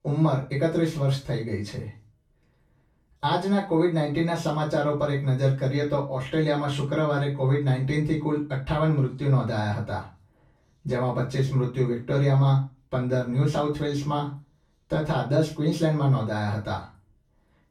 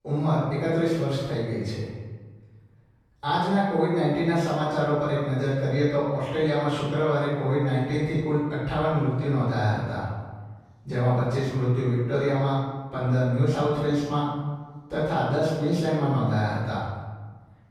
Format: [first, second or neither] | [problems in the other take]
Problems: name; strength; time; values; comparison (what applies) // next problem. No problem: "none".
first | room echo; strong; dies away in 1.2 s; slight in the first // off-mic speech; far; far in the first